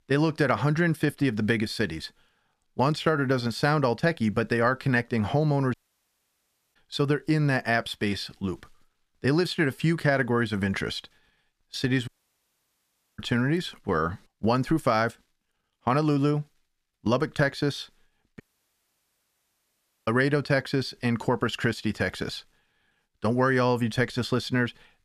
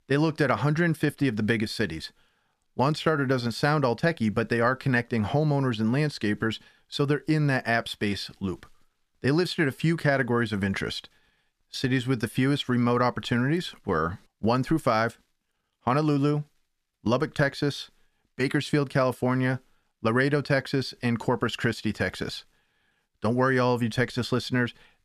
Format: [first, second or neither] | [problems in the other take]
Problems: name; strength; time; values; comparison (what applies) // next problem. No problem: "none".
second | audio cutting out; at 5.5 s for 1 s, at 12 s for 1 s and at 18 s for 1.5 s